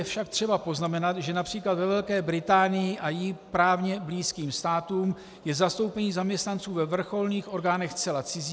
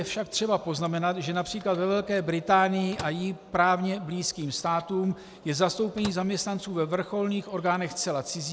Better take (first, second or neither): first